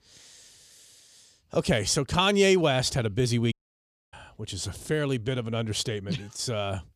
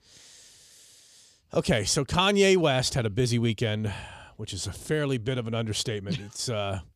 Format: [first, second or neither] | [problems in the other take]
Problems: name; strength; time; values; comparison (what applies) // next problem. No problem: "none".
second | audio cutting out; at 3.5 s for 0.5 s